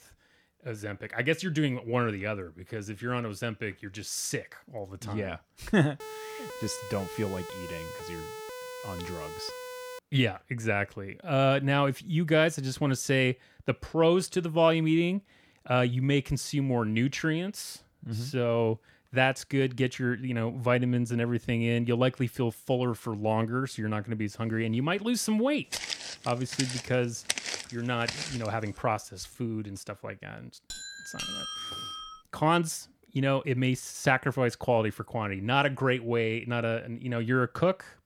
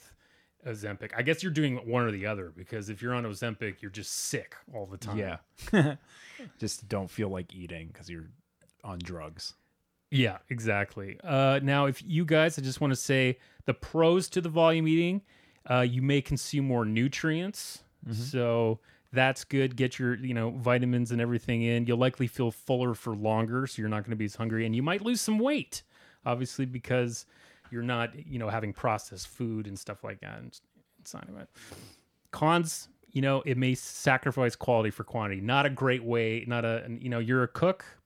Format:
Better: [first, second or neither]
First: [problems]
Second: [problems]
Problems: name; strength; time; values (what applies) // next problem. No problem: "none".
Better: second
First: siren; faint; from 6 to 10 s; peak 10 dB below the speech // footsteps; noticeable; from 26 to 28 s; peak 2 dB below the speech // doorbell; noticeable; from 31 to 32 s; peak 5 dB below the speech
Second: none